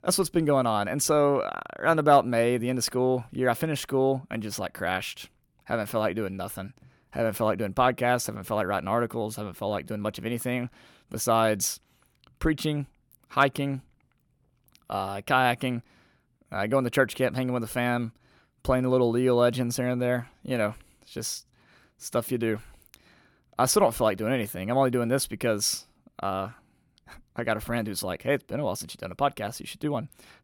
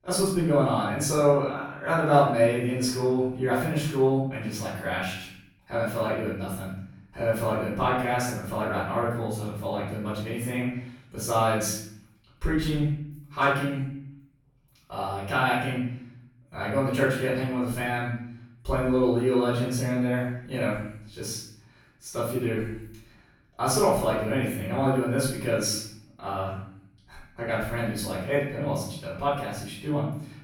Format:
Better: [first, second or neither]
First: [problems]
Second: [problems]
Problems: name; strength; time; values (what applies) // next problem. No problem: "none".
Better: first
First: none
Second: off-mic speech; far // room echo; noticeable; dies away in 0.7 s